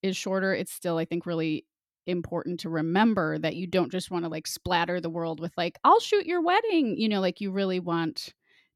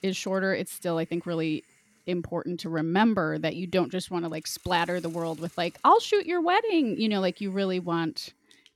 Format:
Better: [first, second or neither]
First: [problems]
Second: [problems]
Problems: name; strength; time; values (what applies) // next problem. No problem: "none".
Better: first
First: none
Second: hiss; faint; throughout; 30 dB below the speech